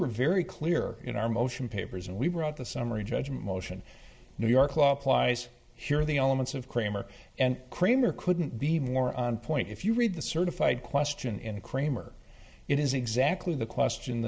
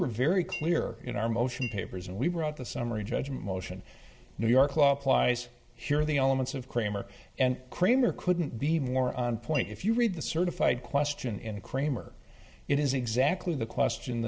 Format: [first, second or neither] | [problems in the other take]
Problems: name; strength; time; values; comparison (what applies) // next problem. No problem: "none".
first | background sound (Chink, clink); 16 dB below the speech